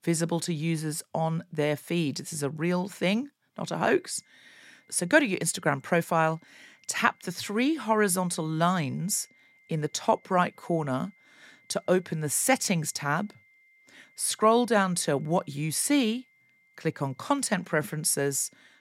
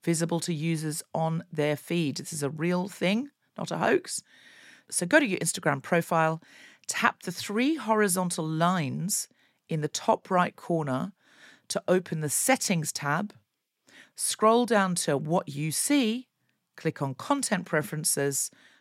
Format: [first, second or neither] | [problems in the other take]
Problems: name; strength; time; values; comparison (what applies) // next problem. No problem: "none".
second | high-pitched whine; faint; from 3.5 s on; 2 kHz, 35 dB below the speech